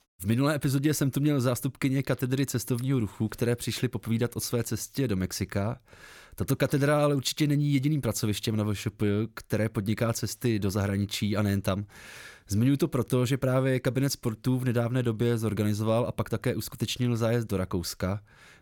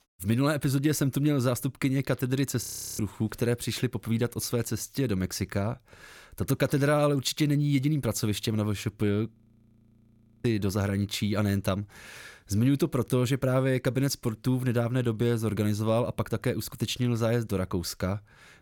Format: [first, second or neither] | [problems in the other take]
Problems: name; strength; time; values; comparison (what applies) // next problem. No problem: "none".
first | audio freezing; at 2.5 s and at 9.5 s for 1 s